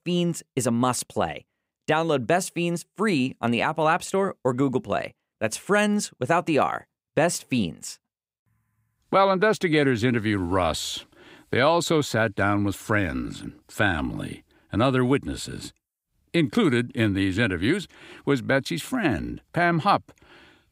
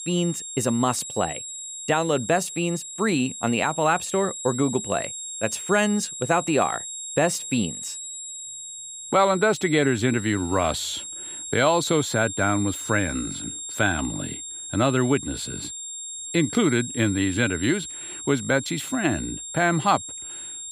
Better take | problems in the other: first | high-pitched whine; loud; throughout; 7.5 kHz, 8 dB below the speech

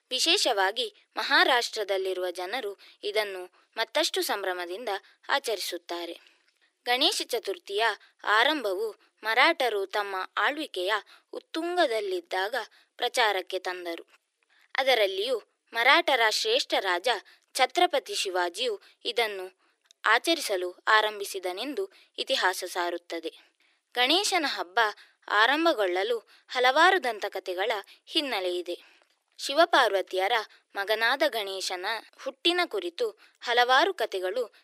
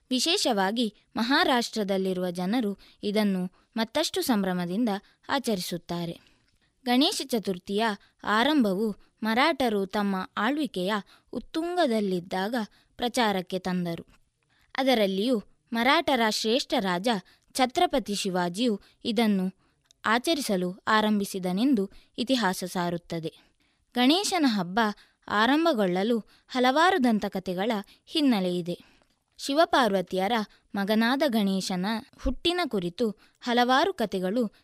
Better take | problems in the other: second | thin; very; fading below 350 Hz

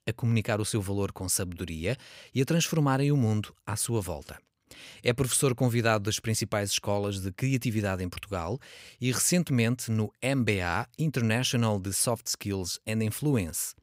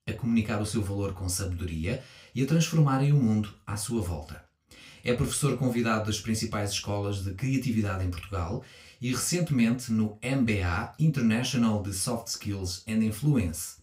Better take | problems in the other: first | room echo; very slight; dies away in 0.3 s // off-mic speech; somewhat distant

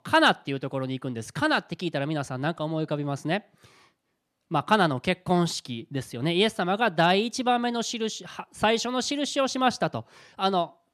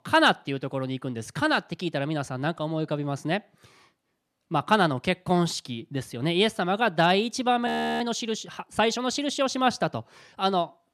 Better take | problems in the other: first | audio freezing; at 7.5 s

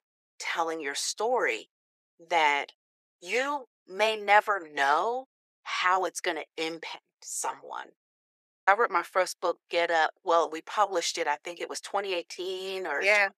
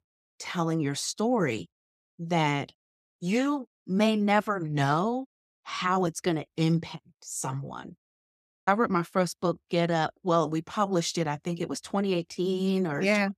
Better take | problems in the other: second | thin; very; fading below 450 Hz

